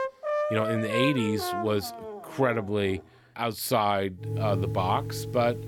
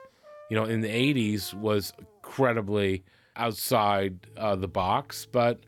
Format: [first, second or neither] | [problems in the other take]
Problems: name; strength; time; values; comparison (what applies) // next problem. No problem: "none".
second | background music; loud; throughout; 4 dB below the speech; faint in the second